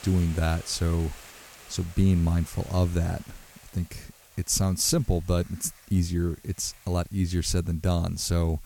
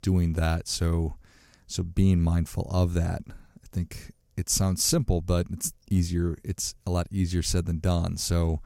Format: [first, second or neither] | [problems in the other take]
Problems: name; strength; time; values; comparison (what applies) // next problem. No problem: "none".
second | hiss; faint; throughout; 20 dB below the speech